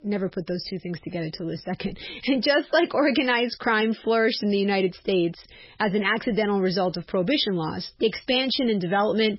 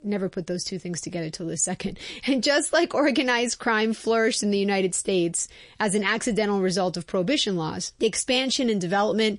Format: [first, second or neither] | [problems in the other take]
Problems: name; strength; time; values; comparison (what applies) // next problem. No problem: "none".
second | garbled, watery; badly; nothing above 5.5 kHz; slightly in the second